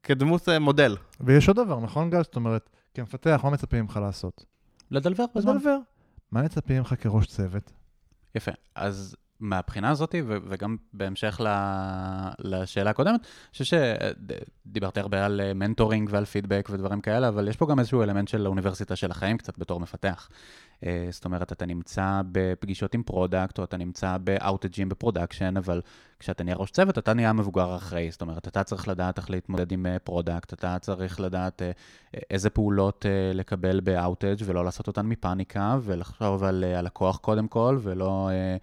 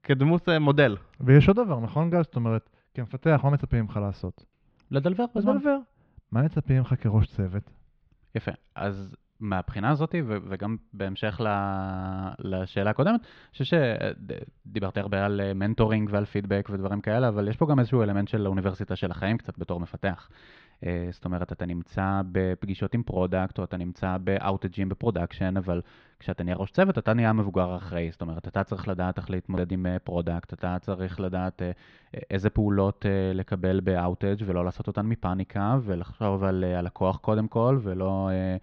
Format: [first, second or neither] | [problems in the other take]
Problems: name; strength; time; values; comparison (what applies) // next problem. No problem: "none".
first | muffled; slightly; fading above 3.5 kHz